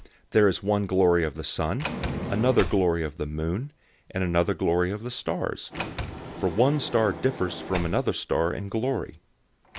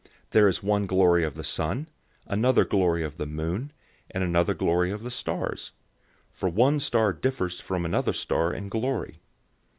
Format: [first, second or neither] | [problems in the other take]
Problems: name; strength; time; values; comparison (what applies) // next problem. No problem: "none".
second | background sound (Sliding door); 12 dB below the speech